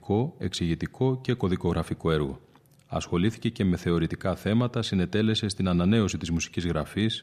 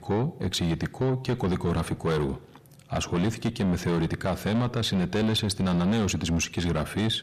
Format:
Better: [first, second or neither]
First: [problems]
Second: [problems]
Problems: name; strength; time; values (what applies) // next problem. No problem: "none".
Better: first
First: none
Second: distortion; heavy; 7 dB below the speech